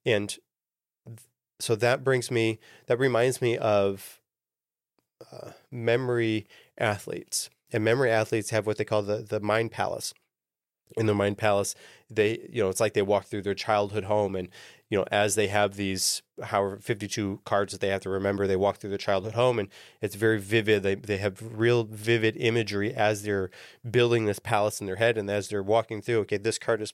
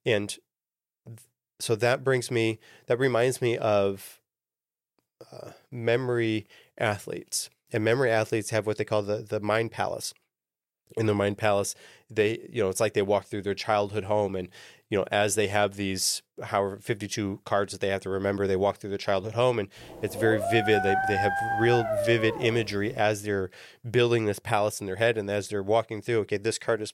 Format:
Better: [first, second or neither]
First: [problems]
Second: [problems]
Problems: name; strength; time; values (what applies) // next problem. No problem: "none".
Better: first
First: none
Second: dog barking; loud; from 20 to 23 s; peak 1 dB above the speech